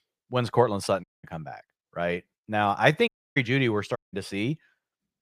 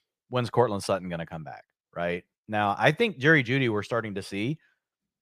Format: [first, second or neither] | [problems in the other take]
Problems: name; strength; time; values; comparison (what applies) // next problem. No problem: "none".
second | audio cutting out; at 1 s, at 3 s and at 4 s